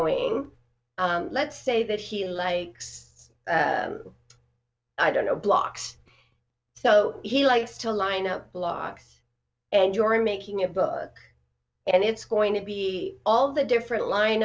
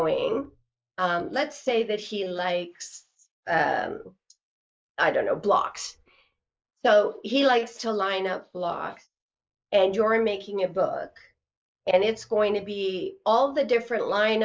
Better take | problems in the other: first | noise reduction (neural mask model Resemble Enhance denoiser)

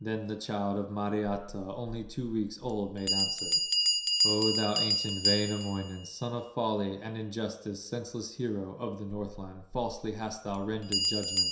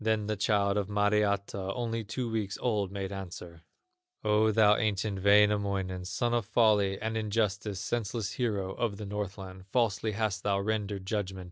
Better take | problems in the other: second | background sound (Bell); as loud as the speech // room echo; dies away in 0.7 s

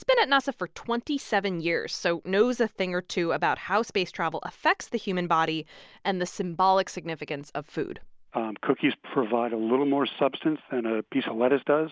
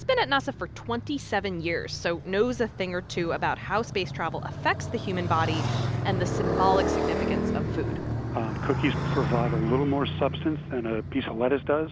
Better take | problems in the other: first | background sound (Motorcycle); 2 dB below the speech

